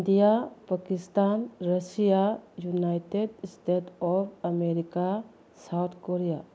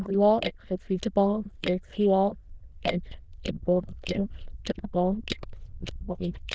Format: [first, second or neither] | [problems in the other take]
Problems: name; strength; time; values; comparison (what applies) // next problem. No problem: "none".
first | noise reduction (neural diffusion model UNIVERSE++)